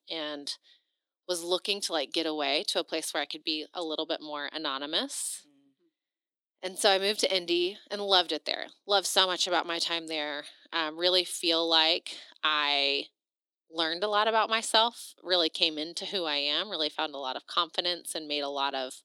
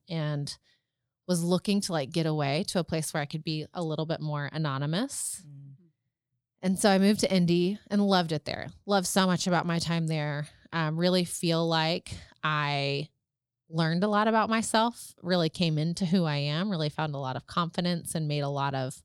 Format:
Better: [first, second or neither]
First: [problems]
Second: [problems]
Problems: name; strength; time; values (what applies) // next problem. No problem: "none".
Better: second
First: thin; very; fading below 300 Hz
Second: none